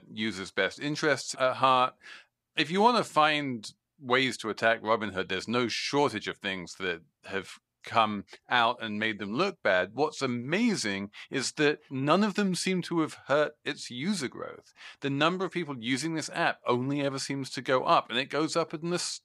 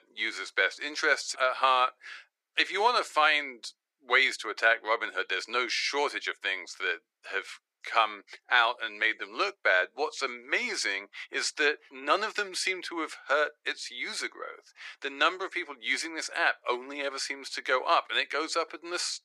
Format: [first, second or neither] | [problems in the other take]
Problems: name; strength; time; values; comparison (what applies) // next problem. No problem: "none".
first | thin; very; fading below 350 Hz